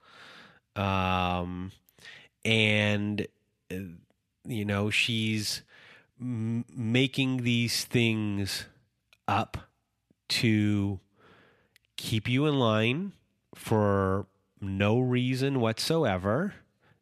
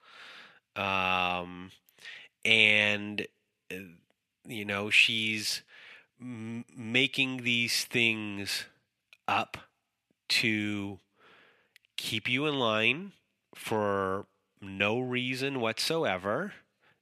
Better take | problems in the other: first | thin; very slightly; fading below 400 Hz

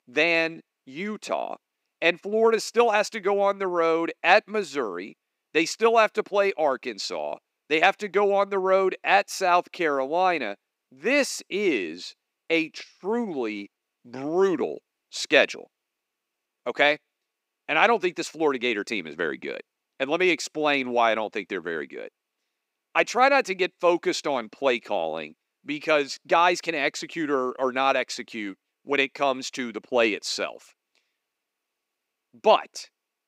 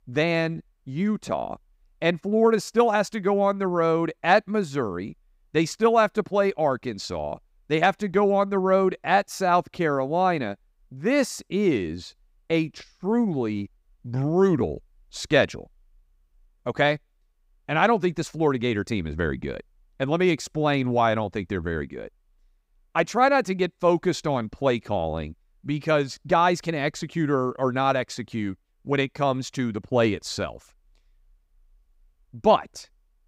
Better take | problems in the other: second | thin; somewhat; fading below 300 Hz

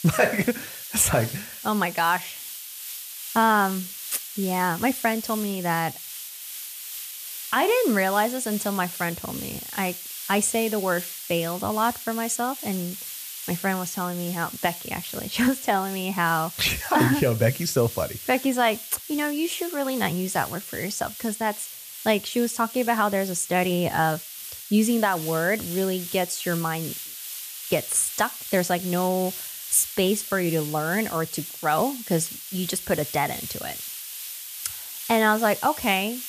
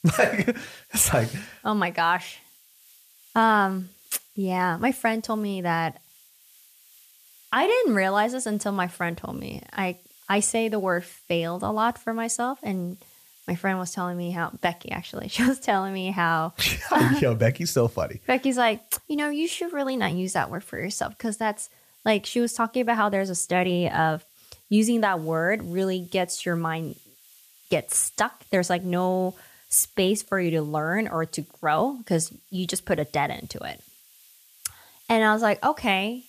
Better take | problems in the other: second | hiss; loud; throughout; 9 dB below the speech; faint in the second

